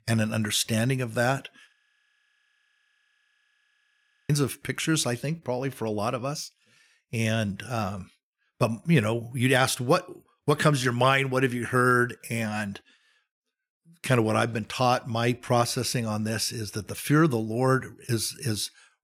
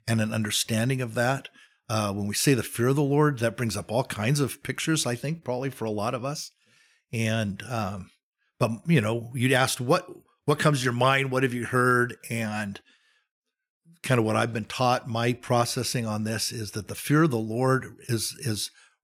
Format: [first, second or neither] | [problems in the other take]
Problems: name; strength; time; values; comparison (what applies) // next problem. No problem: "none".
second | audio freezing; at 1.5 s for 2.5 s